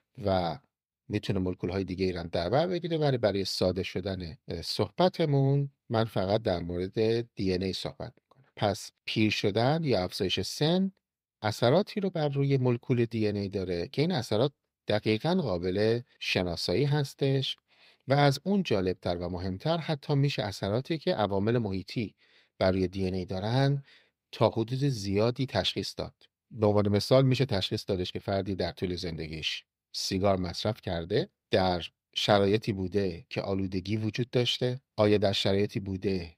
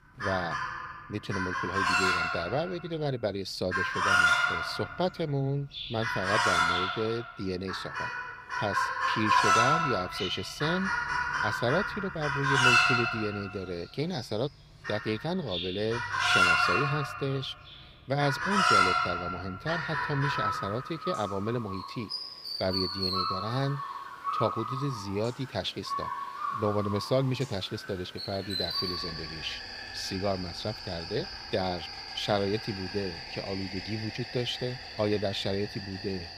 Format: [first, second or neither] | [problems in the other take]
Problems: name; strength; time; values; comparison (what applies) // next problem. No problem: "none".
first | animal sounds; very loud; throughout; 3 dB above the speech